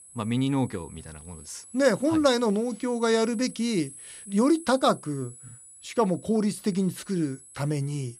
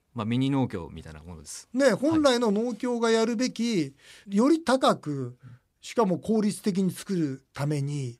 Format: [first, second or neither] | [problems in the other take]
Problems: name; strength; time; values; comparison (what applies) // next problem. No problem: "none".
second | high-pitched whine; noticeable; throughout; 10.5 kHz, 20 dB below the speech